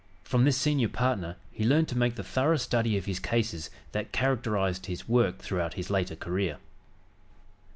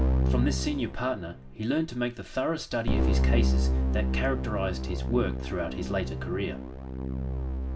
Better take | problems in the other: first | background sound (Keyboard (musical)); 3 dB above the speech // room echo; dies away in 0.2 s

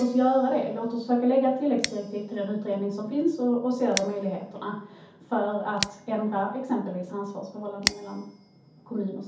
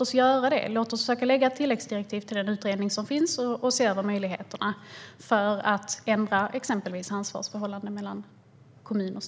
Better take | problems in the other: second | background sound (Scissors); 12 dB below the speech // room echo; dies away in 0.6 s

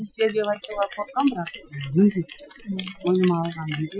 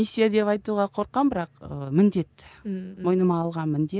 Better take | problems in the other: second | noise reduction (classical method Wiener filter)

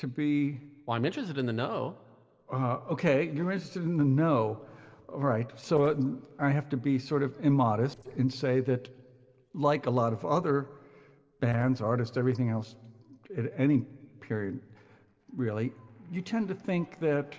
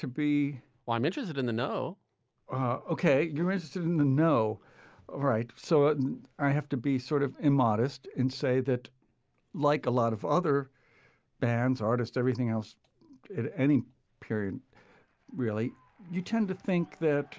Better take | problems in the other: second | noise reduction (neural separator model SepFormer DNS4)

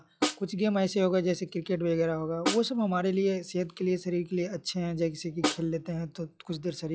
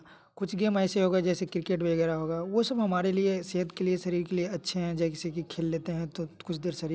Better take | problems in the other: second | noise reduction (classical method log-MMSE)

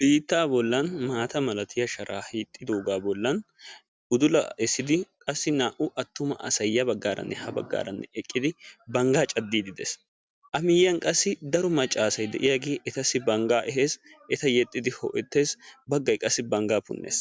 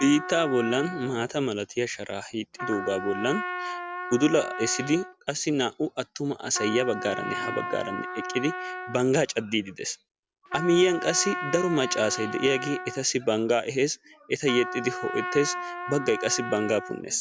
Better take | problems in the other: first | background sound (Trumpet); 9 dB below the speech

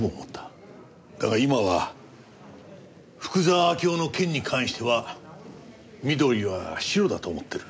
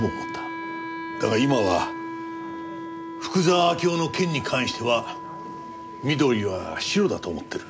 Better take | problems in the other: first | background sound (Wind instrument, woodwind instrument); 10 dB below the speech

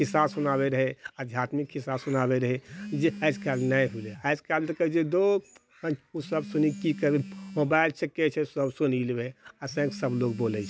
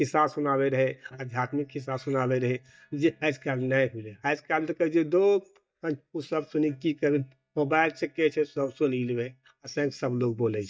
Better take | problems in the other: first | noise reduction (neural mask model DeepFilterNet 3)

